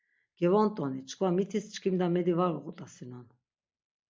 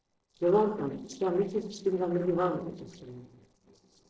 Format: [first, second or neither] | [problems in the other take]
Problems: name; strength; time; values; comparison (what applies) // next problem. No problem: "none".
first | noise reduction (neural separator model SepFormer DNS4)